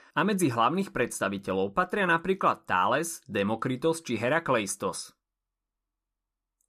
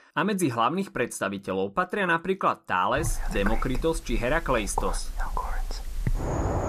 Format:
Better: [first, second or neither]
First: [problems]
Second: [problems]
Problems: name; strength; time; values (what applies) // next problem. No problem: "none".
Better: first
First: none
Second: animal sounds; loud; from 3 s on; 7 dB below the speech